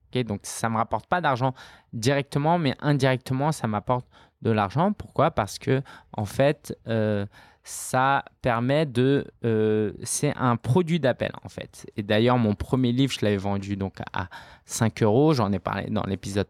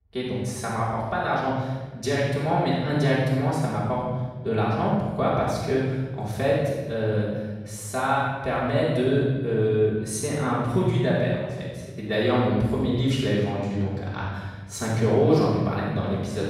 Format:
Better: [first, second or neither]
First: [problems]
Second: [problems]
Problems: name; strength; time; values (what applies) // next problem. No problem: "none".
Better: first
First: none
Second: off-mic speech; far // room echo; strong; dies away in 1.3 s